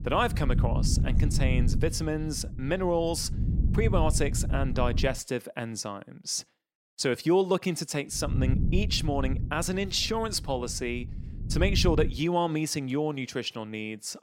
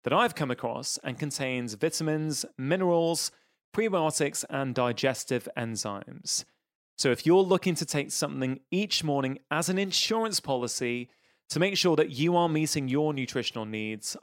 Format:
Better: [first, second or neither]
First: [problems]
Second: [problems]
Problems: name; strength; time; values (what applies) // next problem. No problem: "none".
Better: second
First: low rumble; noticeable; until 5 s and from 8 to 12 s; 15 dB below the speech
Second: none